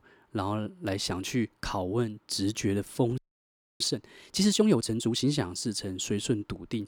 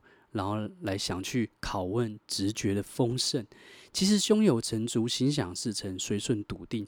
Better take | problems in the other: second | audio freezing; at 3 s for 0.5 s

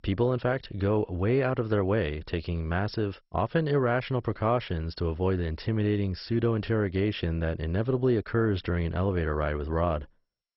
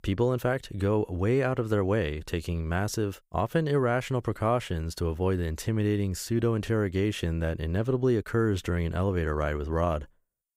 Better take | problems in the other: second | garbled, watery; badly; nothing above 5.5 kHz

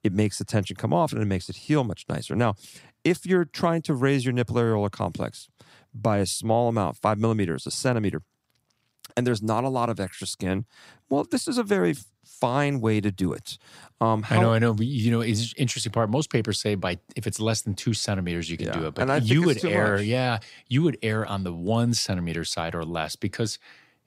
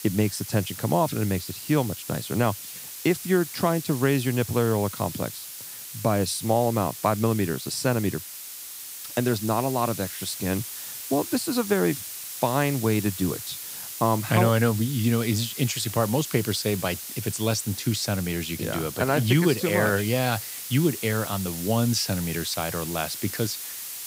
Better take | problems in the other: first | hiss; loud; throughout; 9 dB below the speech

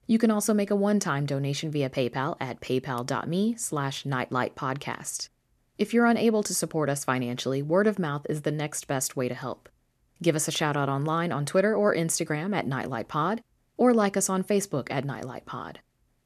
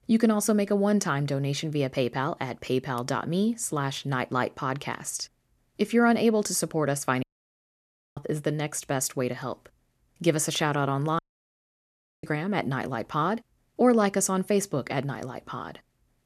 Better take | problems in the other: first | audio cutting out; at 7 s for 1 s and at 11 s for 1 s

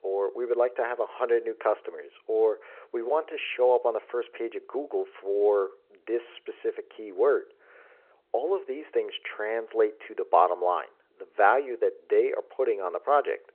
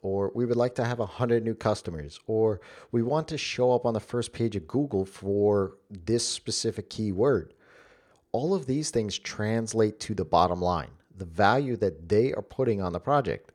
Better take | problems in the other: second | phone-call audio

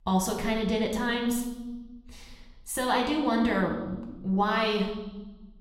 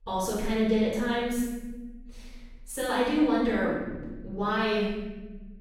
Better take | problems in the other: first | room echo; strong; dies away in 1.3 s; slight in the first // off-mic speech; far; somewhat distant in the first

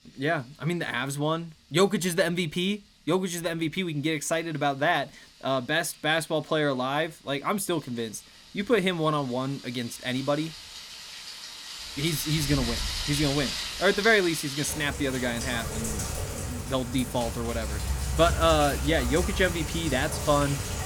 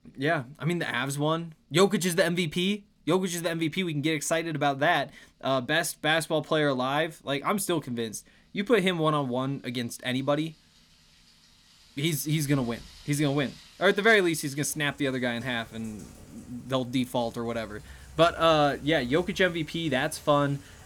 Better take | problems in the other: second | rain or running water; loud; throughout; 5 dB below the speech; faint in the second

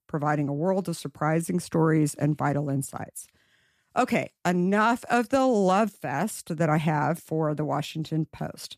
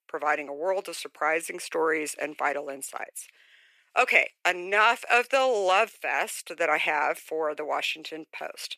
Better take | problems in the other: first | thin; very; fading below 450 Hz

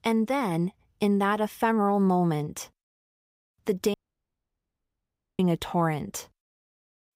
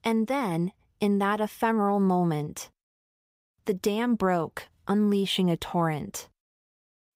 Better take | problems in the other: second | audio cutting out; at 4 s for 1.5 s

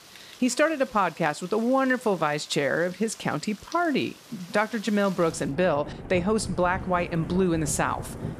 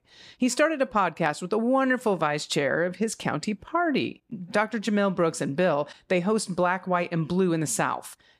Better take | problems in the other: second | rain or running water; noticeable; throughout; 15 dB below the speech

